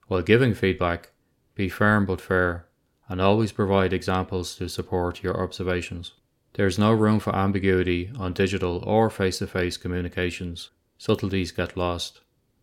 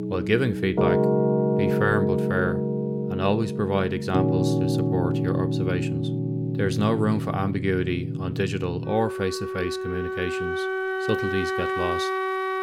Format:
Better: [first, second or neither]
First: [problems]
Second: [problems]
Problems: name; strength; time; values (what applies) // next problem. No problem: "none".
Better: first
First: none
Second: background music; very loud; throughout; 1 dB above the speech